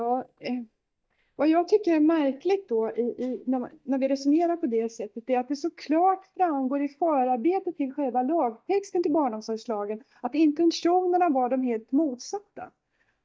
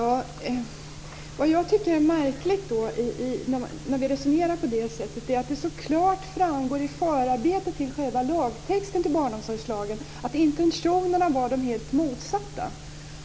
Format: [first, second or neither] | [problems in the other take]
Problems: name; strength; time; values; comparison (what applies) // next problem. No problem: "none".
second | noise reduction (neural mask model DeepFilterNet 3)